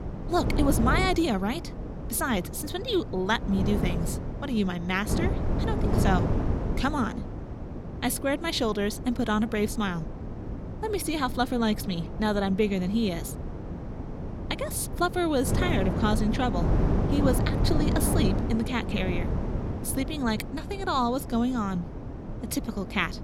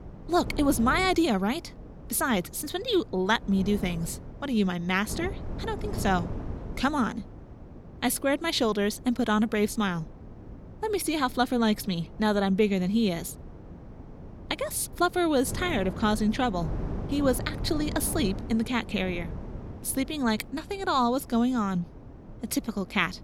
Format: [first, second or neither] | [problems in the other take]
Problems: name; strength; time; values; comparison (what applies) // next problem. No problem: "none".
second | wind noise on the microphone; heavy; 8 dB below the speech; occasional gusts in the second